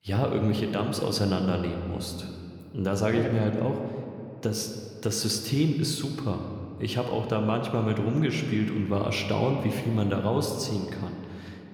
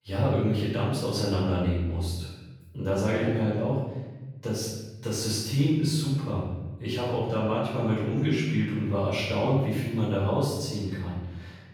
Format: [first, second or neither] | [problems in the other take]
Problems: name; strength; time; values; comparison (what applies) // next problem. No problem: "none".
first | room echo; strong; dies away in 1.1 s; slight in the first // off-mic speech; far